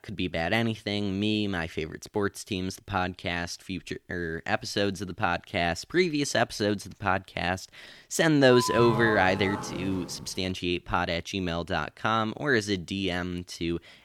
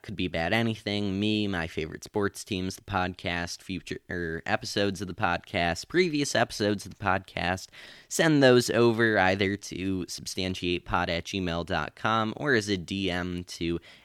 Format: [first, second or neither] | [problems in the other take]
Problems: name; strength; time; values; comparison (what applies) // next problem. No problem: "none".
second | doorbell; noticeable; from 8.5 to 10 s; peak 2 dB below the speech